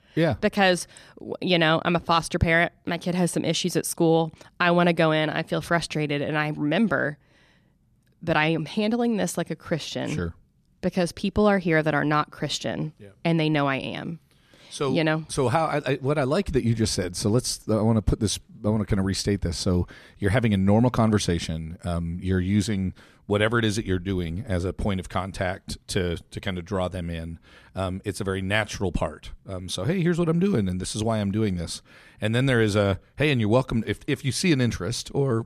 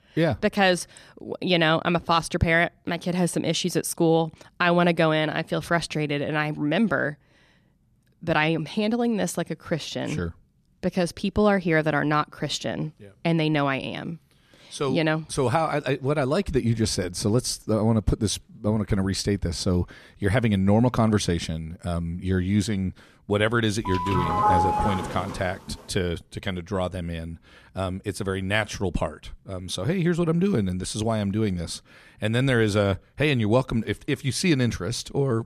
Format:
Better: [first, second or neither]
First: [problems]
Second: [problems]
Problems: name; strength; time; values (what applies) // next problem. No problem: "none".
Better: first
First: none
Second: doorbell; loud; from 24 to 25 s; peak 4 dB above the speech